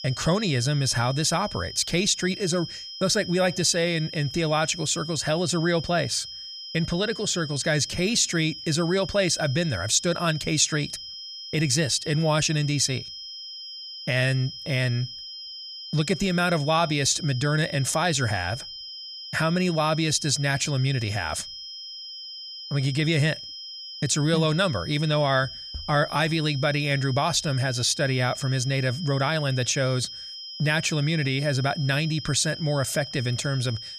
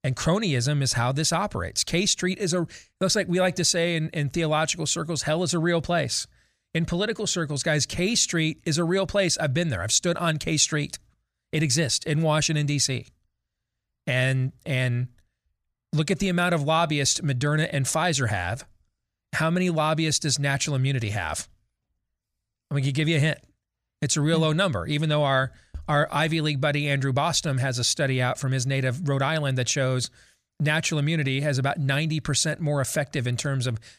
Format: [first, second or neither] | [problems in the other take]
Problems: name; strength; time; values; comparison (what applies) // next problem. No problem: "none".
second | high-pitched whine; noticeable; throughout; 5 kHz, 10 dB below the speech